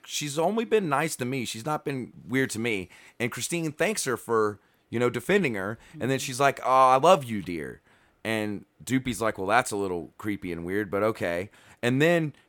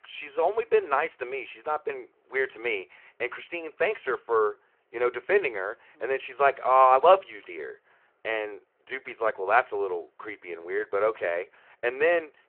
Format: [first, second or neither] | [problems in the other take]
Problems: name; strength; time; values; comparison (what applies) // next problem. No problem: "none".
first | phone-call audio